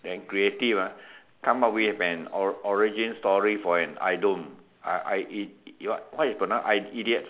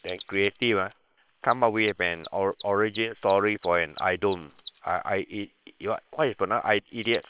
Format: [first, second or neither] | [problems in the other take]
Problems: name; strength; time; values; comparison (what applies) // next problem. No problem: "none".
first | noise reduction (neural separator model SepFormer WHAM!)